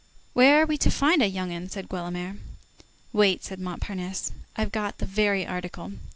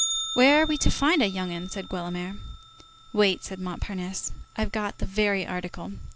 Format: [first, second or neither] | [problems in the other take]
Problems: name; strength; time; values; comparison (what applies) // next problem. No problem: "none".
first | background sound (Bell); 11 dB below the speech